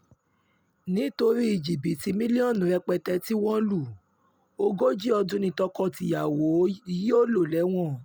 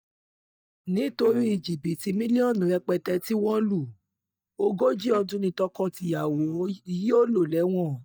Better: first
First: none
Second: noise reduction (neural mask model DeepFilterNet 3)

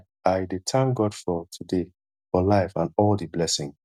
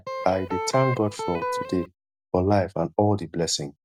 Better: first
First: none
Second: background sound (Electric guitar); 5 dB below the speech

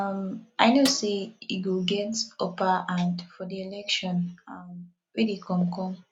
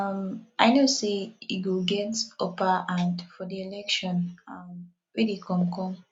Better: second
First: background sound (Snare drum); 11 dB below the speech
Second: none

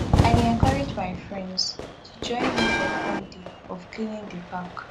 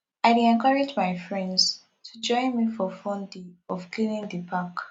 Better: second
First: background sound (Fire / Fireworks + Bell); 3 dB above the speech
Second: none

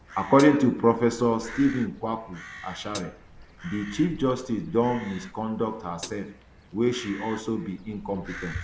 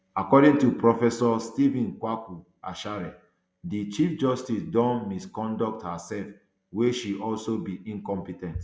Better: second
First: background sound (Crow + Hi-hat); 17 dB below the speech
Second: none

